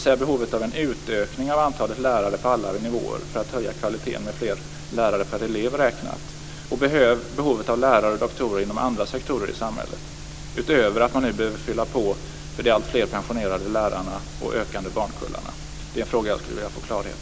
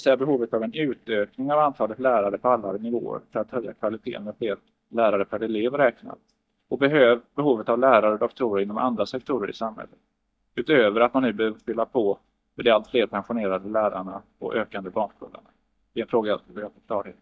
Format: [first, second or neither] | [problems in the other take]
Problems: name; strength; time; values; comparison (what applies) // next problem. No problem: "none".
first | noise reduction (neural mask model DeepFilterNet 3)